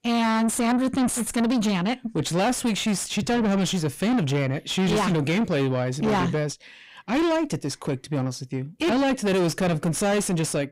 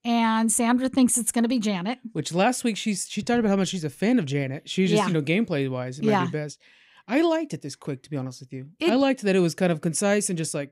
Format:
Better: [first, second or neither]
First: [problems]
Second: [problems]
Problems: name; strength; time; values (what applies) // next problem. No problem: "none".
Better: second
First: distortion; heavy; 6 dB below the speech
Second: none